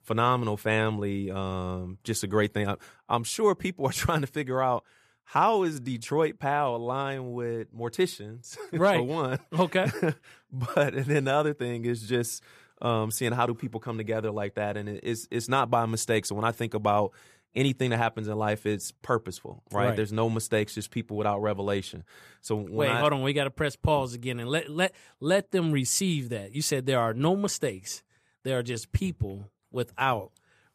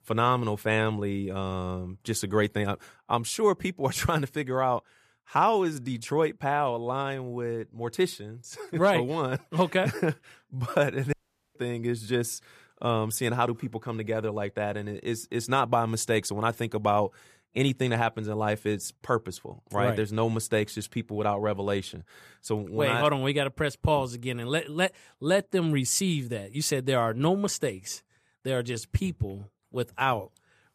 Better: first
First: none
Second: audio cutting out; at 11 s

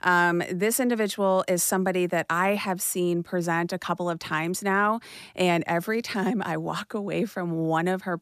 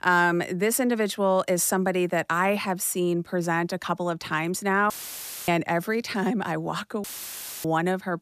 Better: first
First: none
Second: audio cutting out; filled with static; at 5 s for 0.5 s and at 7 s for 0.5 s

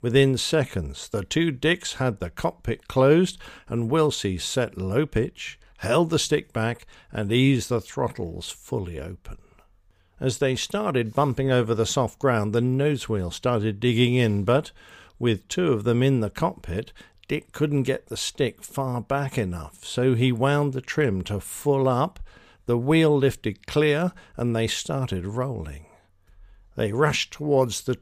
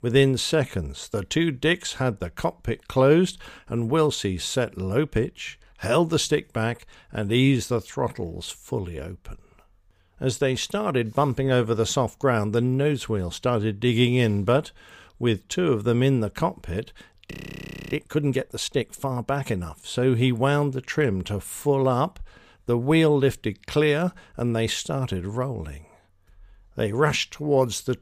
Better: first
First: none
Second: audio freezing; at 17 s for 0.5 s

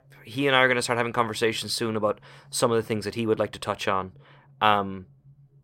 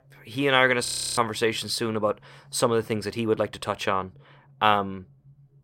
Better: first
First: none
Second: audio freezing; at 1 s

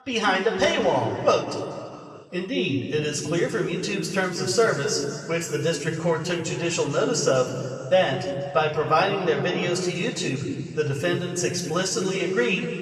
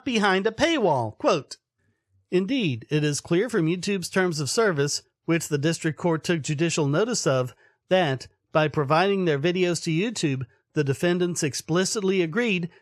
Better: second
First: room echo; noticeable; dies away in 2.3 s // off-mic speech; far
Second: none

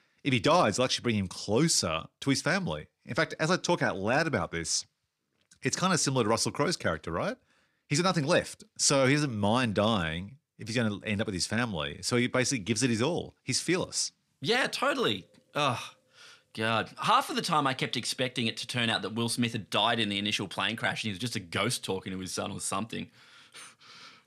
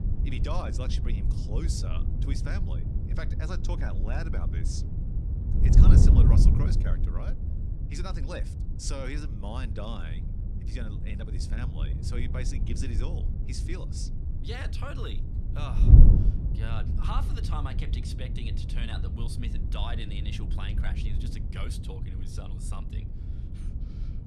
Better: first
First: none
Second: wind noise on the microphone; heavy; 2 dB below the speech

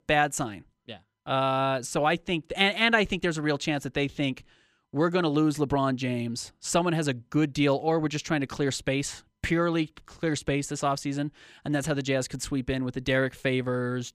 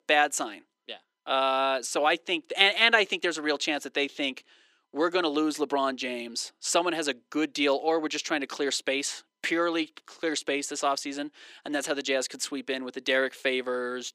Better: first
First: none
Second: thin; somewhat; fading below 300 Hz

